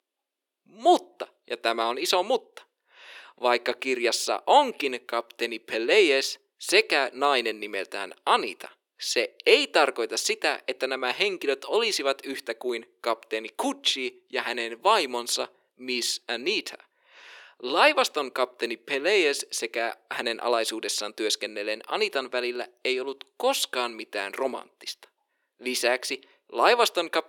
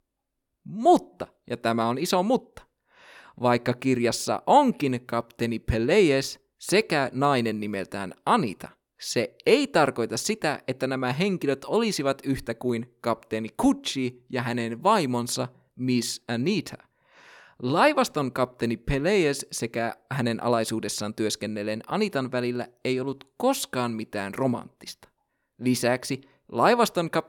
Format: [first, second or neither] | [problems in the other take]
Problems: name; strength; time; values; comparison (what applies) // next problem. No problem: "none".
second | thin; somewhat; fading below 350 Hz